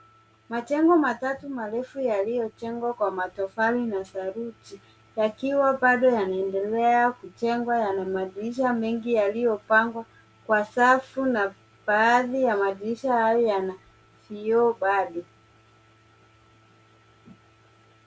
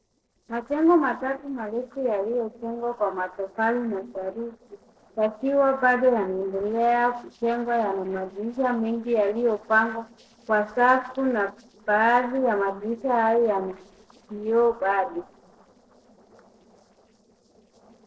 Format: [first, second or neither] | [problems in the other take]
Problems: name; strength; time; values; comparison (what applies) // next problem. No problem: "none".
first | noise reduction (neural separator model SepFormer DNS4)